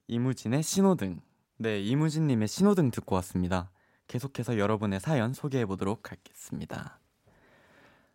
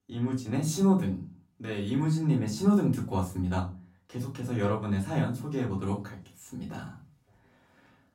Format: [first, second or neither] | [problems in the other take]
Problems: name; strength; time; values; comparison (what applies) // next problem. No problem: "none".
first | off-mic speech; far // room echo; slight; dies away in 0.3 s